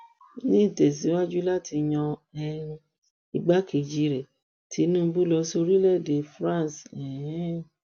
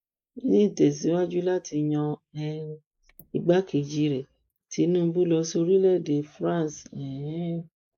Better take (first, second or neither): first